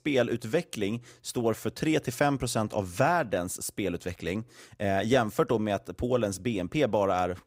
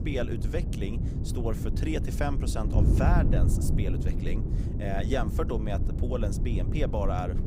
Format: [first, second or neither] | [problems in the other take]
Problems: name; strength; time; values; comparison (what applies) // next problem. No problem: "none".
first | wind noise on the microphone; heavy; 6 dB below the speech